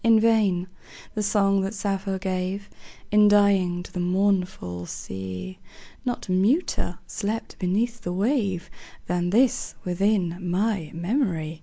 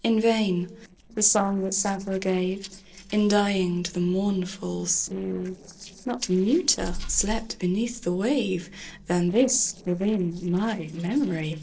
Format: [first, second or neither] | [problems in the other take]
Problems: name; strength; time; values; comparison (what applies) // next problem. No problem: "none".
first | noise reduction (neural separator model SepFormer DNS4)